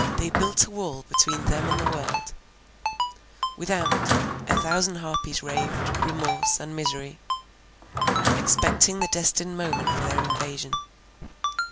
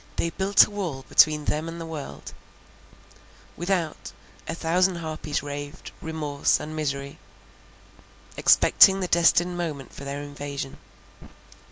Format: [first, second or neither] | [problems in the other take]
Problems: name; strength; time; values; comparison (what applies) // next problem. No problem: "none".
second | background sound (Ringtone + Drawer open or close); 1 dB above the speech